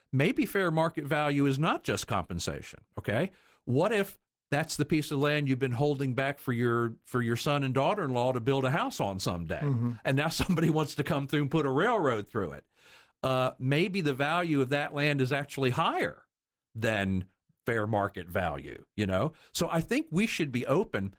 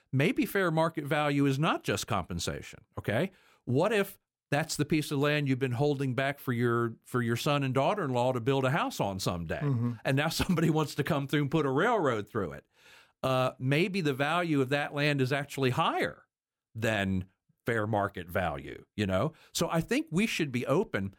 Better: second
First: garbled, watery; slightly; nothing above 17 kHz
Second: none

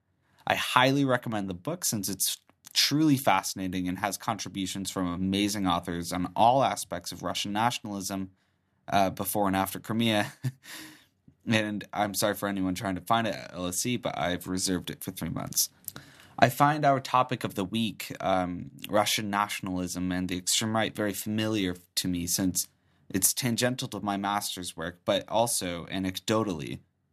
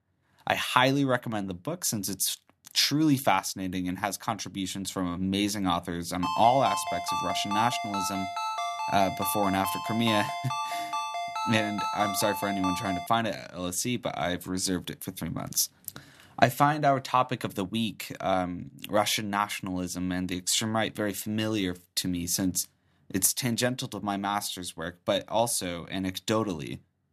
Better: first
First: none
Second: phone ringing; noticeable; from 6 to 13 s; peak 2 dB below the speech

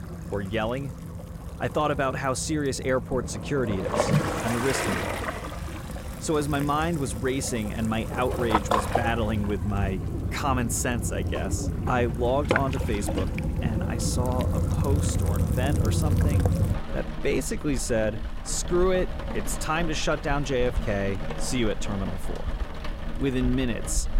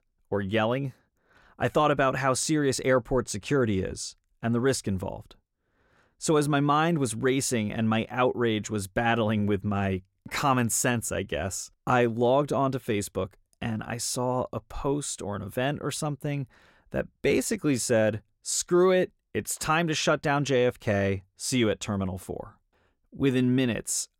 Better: second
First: rain or running water; loud; throughout; 1 dB below the speech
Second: none

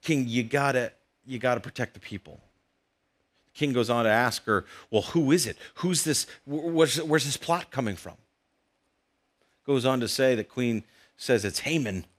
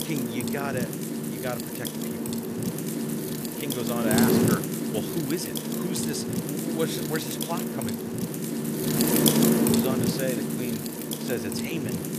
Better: first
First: none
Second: wind noise on the microphone; heavy; 3 dB above the speech

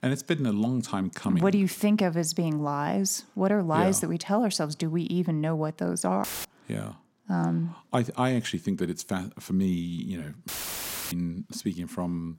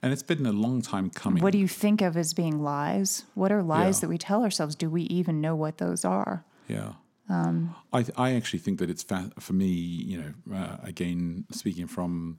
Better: second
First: audio cutting out; filled with static; at 6 s and at 10 s for 0.5 s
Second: none

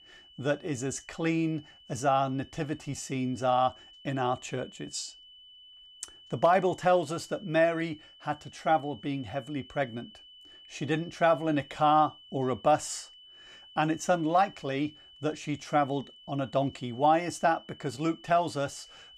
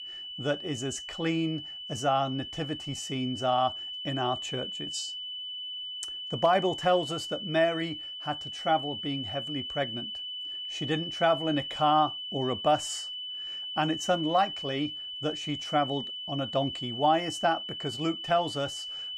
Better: first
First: high-pitched whine; faint; throughout; 3 kHz, 20 dB below the speech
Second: high-pitched whine; loud; throughout; 3 kHz, 5 dB below the speech

